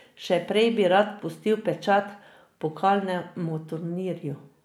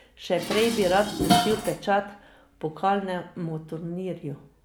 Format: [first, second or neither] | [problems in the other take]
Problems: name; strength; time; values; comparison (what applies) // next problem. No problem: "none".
first | background sound (Dishes, pots, and pans); 4 dB below the speech